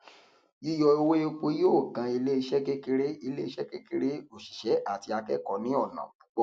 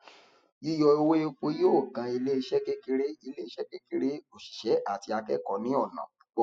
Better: first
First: none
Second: noise reduction (classical method spectral subtraction)

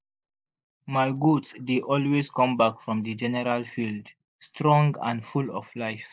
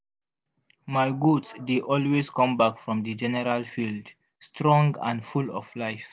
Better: second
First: noise reduction (neural mask model Resemble Enhance denoiser)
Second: none

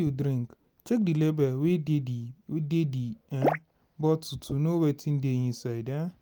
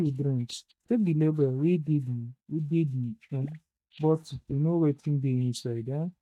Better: first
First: none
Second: noise reduction (neural mask model DeepFilterNet 3)

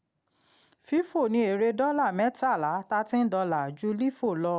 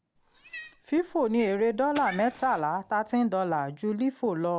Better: first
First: none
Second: background sound (Fire + Cat); 18 dB below the speech

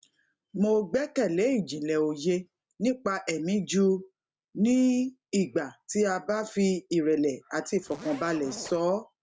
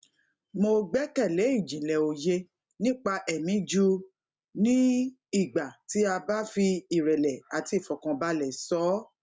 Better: second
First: background sound (Zipper (clothing)); 16 dB below the speech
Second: none

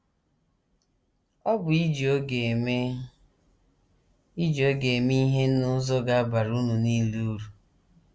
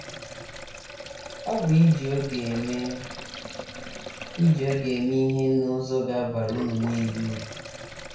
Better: first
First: none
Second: background sound (Sink (filling or washing)); 13 dB below the speech // room echo; dies away in 0.5 s

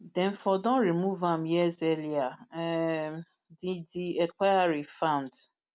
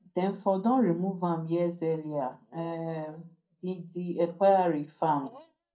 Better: first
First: none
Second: noise reduction (neural mask model DeepFilterNet 3)

